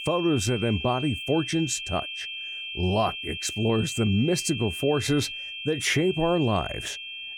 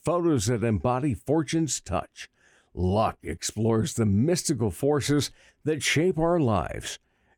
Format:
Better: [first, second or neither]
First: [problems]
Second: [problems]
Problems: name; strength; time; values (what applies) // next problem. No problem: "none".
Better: second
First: high-pitched whine; loud; throughout; 3 kHz, 7 dB below the speech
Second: none